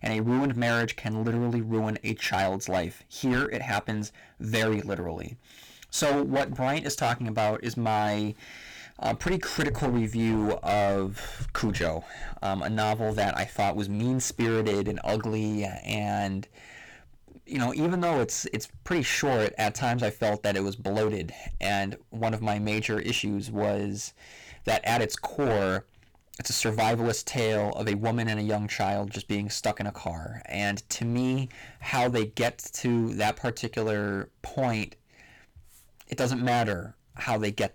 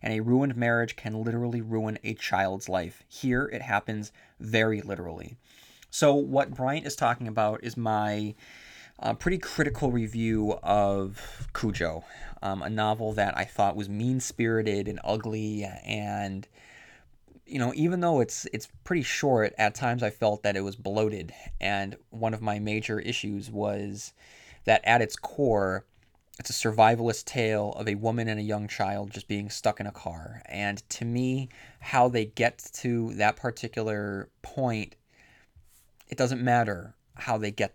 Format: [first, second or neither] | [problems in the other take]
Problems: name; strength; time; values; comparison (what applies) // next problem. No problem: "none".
second | distortion; heavy; 14% of the sound clipped